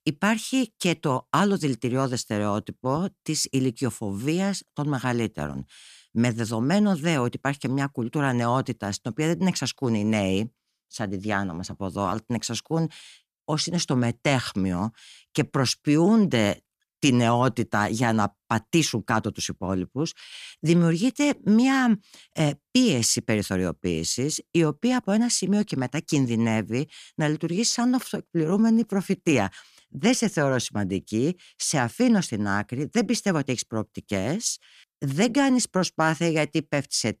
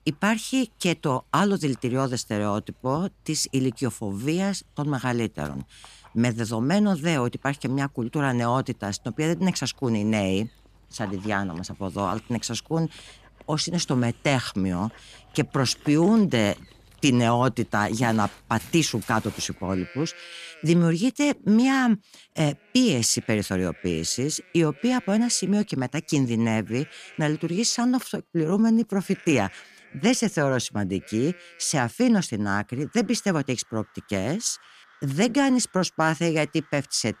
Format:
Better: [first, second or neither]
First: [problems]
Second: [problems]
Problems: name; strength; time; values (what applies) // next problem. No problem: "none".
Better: first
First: none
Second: animal sounds; faint; throughout; 25 dB below the speech